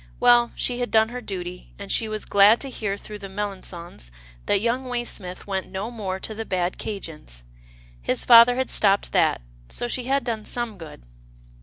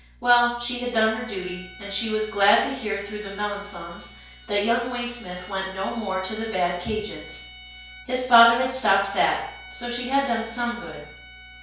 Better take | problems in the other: first | background sound (Bowed string instrument); 19 dB below the speech // room echo; dies away in 0.5 s

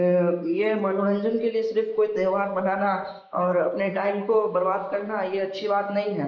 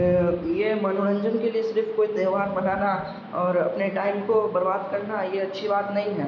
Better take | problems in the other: second | noise reduction (neural mask model Resemble Enhance denoiser)

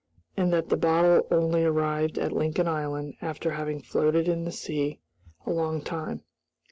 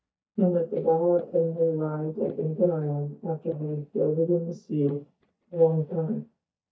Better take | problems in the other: first | noise reduction (neural mask model DeepFilterNet 3)

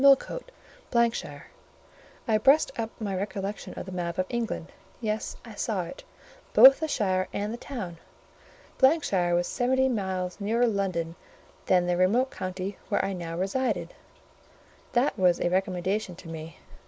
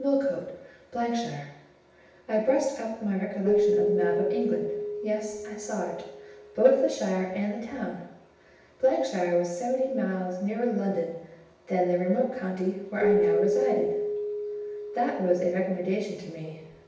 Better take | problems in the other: first | background sound (Keyboard (musical)); 4 dB below the speech // room echo; dies away in 0.9 s

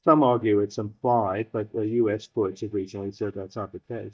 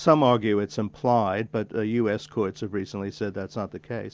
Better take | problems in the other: second | noise reduction (neural mask model DeepFilterNet 3)

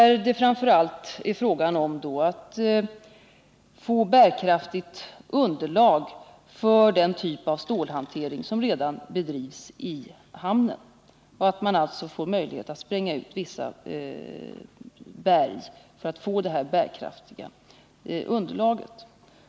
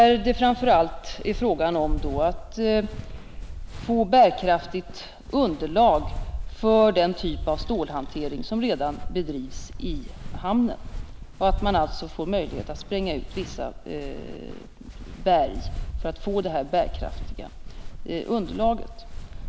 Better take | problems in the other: first | background sound (Walk, footsteps); 8 dB below the speech

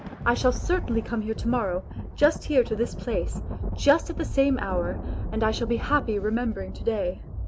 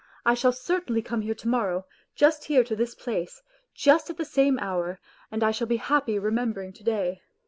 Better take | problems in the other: second | background sound (Thunder); 6 dB below the speech

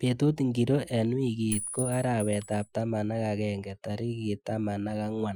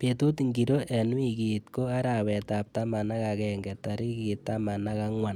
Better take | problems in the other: second | noise reduction (classical method Wiener filter)

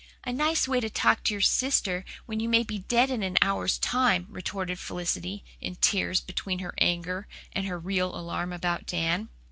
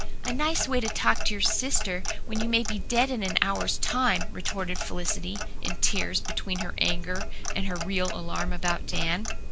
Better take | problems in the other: first | background sound (Clock); 2 dB above the speech

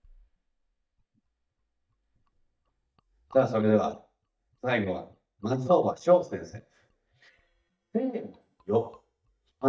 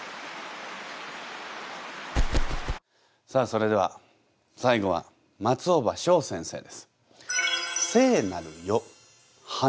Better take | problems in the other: second | noise reduction (neural mask model DeepFilterNet 3)

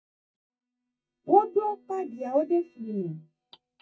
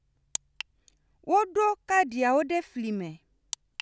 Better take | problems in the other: second | noise reduction (neural mask model DeepFilterNet 3)

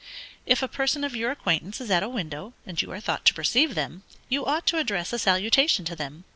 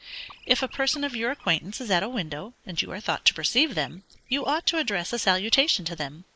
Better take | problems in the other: first | noise reduction (neural mask model Resemble Enhance denoiser)

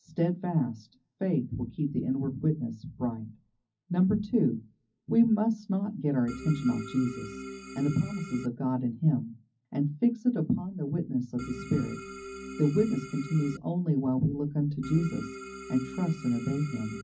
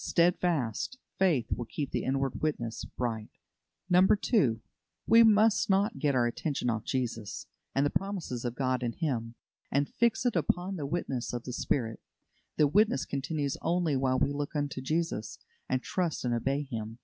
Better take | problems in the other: second | background sound (Organ); 12 dB below the speech // room echo; dies away in 0.4 s

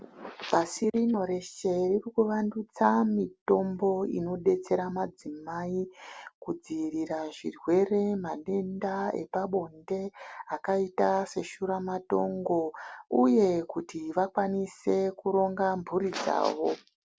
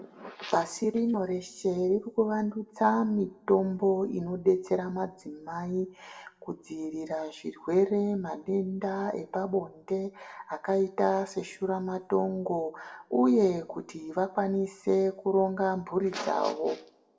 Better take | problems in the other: first | room echo; dies away in 0.5 s

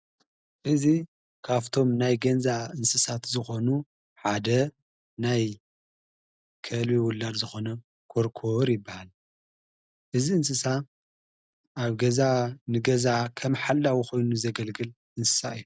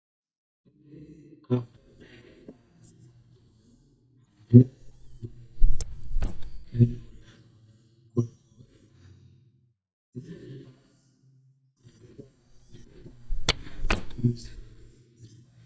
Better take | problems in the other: first | noise reduction (neural mask model DeepFilterNet 3)

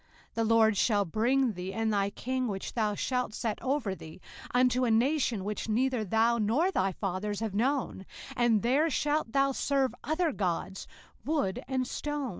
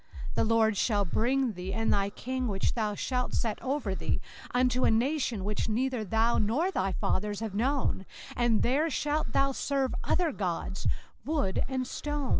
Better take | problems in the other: first | background sound (Breathing); 3 dB above the speech

